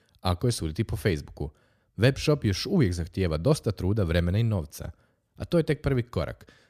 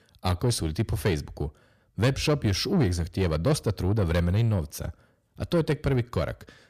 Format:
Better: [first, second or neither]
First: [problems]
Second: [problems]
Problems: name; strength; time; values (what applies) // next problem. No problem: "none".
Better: first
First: none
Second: distortion; slight; 10 dB below the speech